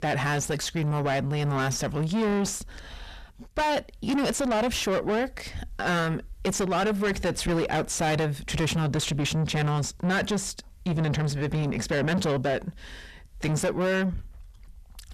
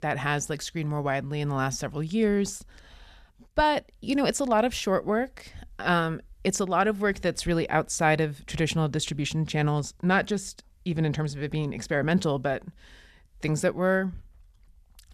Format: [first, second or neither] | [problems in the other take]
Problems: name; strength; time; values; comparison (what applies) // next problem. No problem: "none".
second | distortion; heavy; 5 dB below the speech